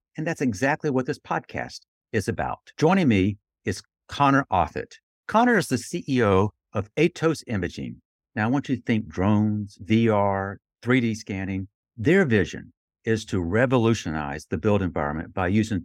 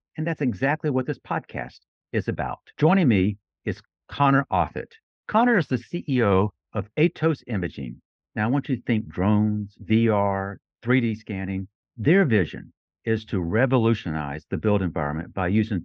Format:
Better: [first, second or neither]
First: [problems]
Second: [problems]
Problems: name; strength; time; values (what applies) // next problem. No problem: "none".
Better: first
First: none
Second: muffled; slightly; fading above 3.5 kHz